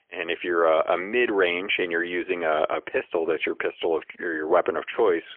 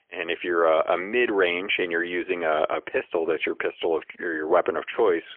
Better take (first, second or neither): neither